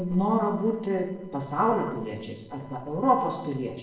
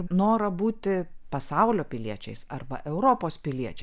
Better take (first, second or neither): second